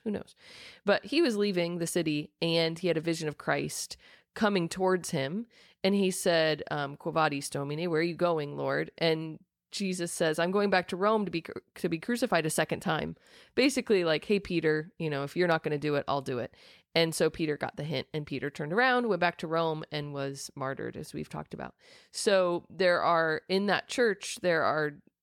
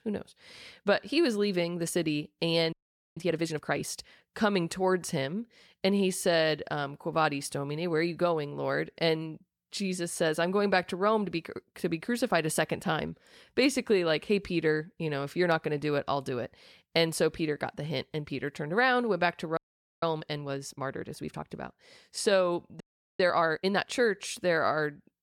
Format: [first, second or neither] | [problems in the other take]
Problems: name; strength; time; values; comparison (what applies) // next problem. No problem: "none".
first | audio freezing; at 2.5 s, at 20 s and at 23 s